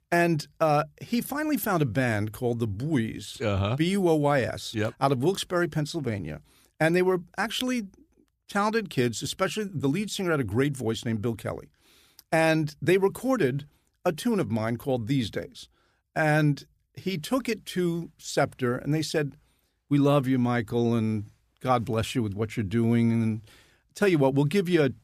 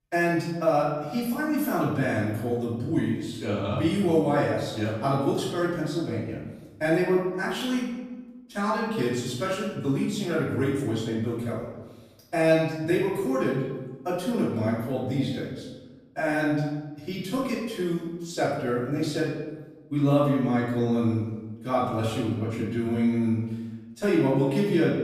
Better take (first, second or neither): first